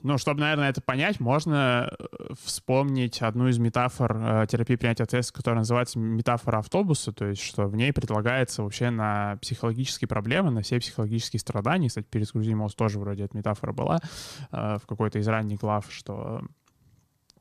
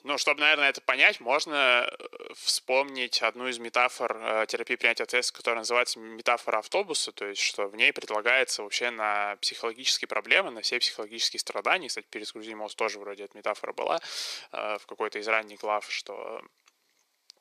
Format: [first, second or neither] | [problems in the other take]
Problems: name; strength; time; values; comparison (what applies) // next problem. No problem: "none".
first | thin; very; fading below 400 Hz